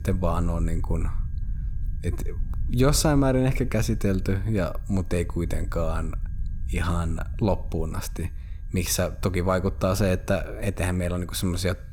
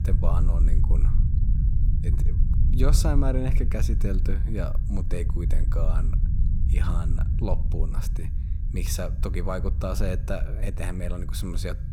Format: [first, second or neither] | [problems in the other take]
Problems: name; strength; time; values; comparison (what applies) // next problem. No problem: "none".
first | low rumble; loud; throughout; 8 dB below the speech; faint in the first